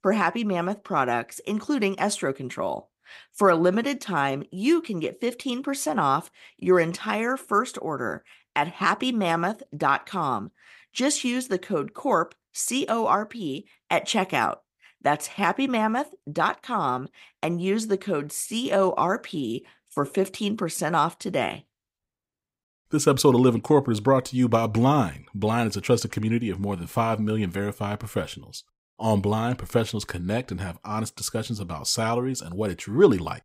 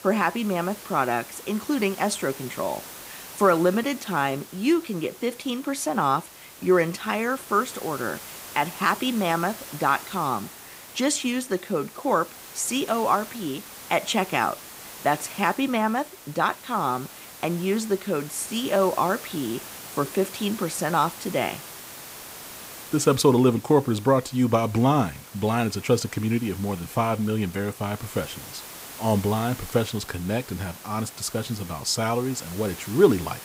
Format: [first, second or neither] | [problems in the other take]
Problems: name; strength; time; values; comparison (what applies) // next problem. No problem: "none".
first | hiss; noticeable; throughout; 15 dB below the speech